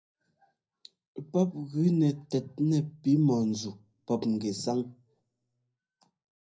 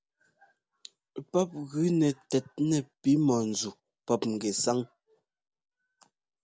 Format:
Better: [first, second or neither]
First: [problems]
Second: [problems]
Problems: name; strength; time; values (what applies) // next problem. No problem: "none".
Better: second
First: room echo; dies away in 0.5 s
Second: none